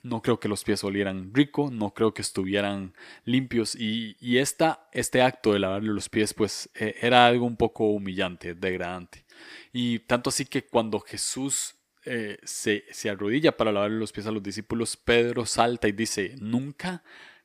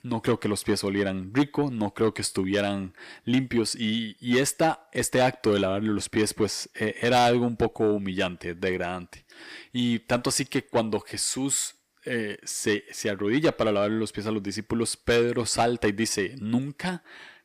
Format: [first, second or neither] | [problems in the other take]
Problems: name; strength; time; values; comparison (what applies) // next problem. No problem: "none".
first | distortion; slight; 10 dB below the speech